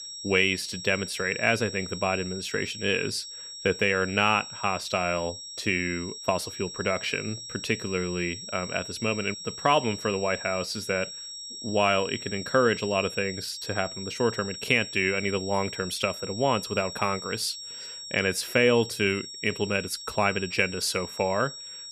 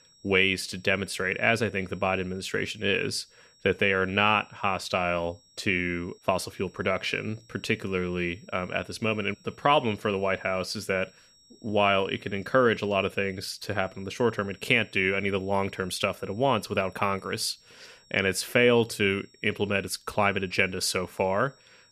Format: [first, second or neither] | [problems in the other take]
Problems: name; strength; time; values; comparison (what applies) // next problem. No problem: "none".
second | high-pitched whine; loud; throughout; 5.5 kHz, 10 dB below the speech; faint in the second